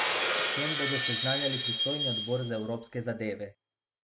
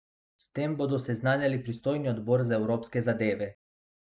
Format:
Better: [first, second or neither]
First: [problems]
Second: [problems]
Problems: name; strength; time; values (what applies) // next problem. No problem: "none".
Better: second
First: background sound (Shatter); 2 dB above the speech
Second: none